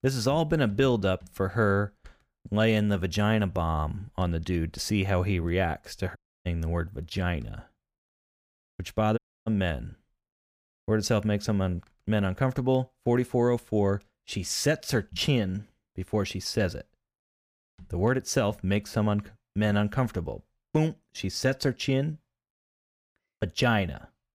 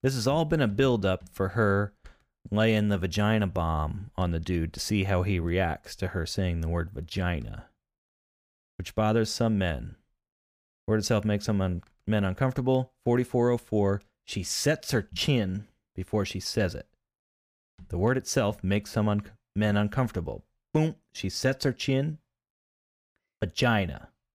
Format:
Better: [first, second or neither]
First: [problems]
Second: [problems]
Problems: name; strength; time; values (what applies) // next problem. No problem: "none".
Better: second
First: audio cutting out; at 6 s and at 9 s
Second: none